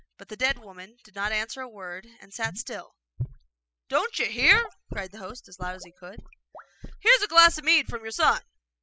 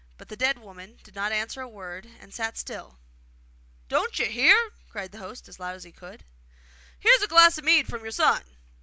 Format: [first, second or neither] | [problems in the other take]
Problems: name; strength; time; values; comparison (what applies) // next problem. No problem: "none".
second | noise reduction (classical method spectral subtraction)